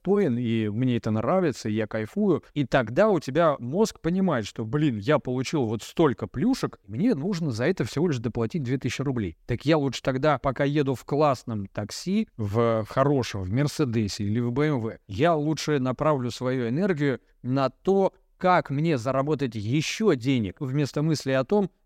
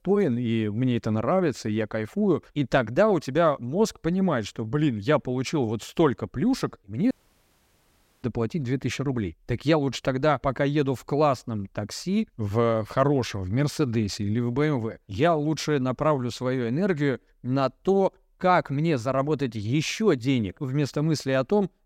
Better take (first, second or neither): first